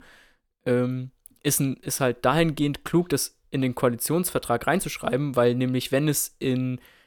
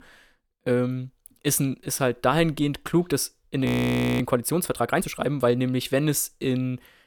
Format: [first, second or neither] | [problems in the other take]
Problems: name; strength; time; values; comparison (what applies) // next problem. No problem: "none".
first | audio freezing; at 3.5 s for 0.5 s